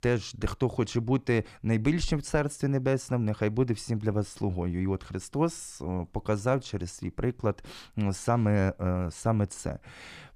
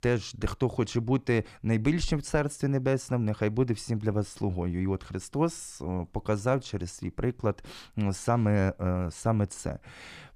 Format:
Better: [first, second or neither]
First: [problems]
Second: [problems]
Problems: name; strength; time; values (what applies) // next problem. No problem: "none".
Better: neither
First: none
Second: none